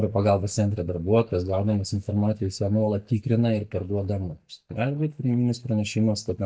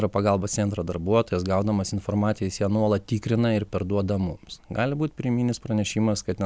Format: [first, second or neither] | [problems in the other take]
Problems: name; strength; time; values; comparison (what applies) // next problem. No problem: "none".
second | noise reduction (neural mask model DeepFilterNet 3)